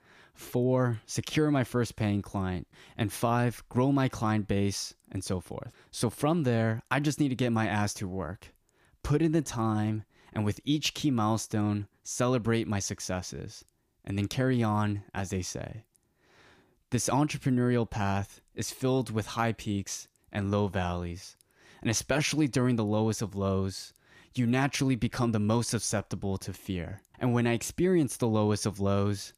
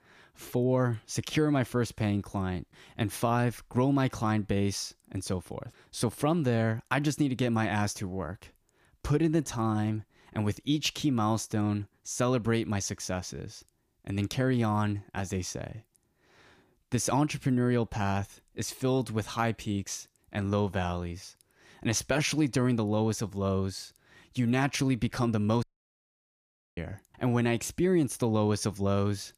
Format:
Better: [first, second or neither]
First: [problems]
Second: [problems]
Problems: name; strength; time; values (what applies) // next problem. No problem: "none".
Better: first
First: none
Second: audio cutting out; at 26 s for 1 s